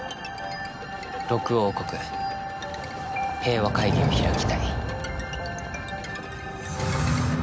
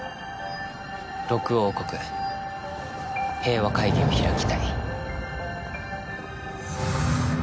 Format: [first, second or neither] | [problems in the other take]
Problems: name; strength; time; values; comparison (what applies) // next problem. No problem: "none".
second | background sound (Bowed string instrument); 17 dB below the speech